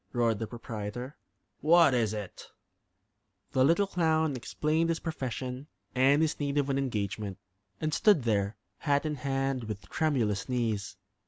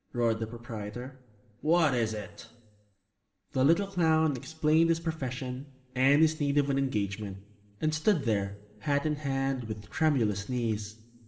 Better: first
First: none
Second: room echo; dies away in 1.3 s

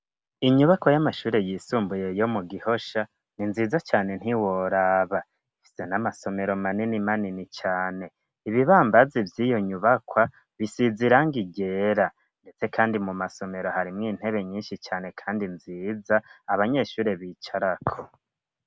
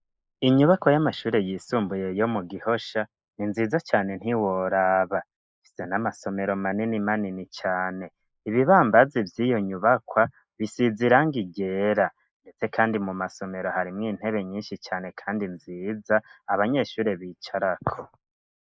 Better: first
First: none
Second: noise reduction (neural mask model Resemble Enhance denoiser)

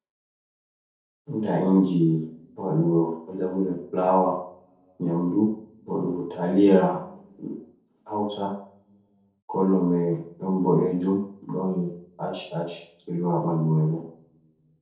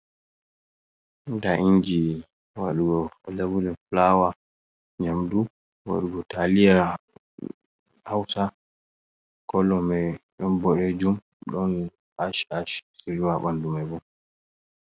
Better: second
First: room echo; dies away in 0.6 s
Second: none

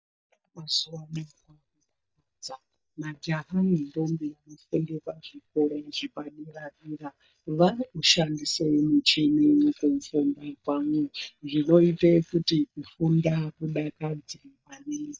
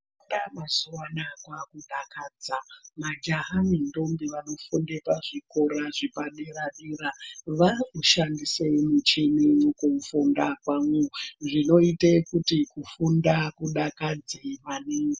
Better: second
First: noise reduction (neural mask model DeepFilterNet 3)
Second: none

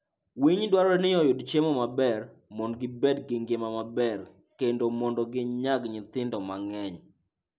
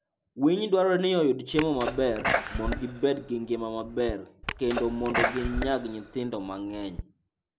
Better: first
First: none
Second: background sound (Sneeze); 5 dB below the speech

